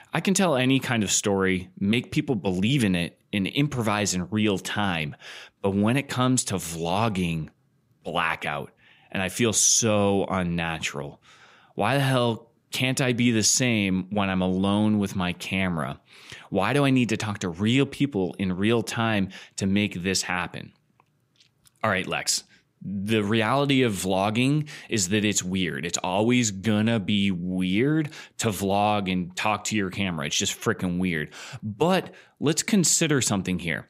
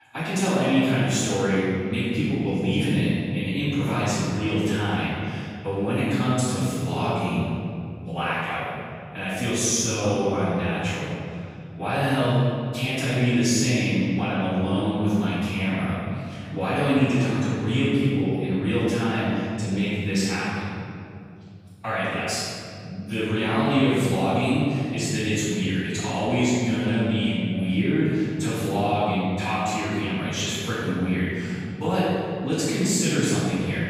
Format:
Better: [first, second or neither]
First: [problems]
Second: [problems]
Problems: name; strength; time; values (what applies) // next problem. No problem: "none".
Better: first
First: none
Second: room echo; strong; dies away in 2.8 s // off-mic speech; far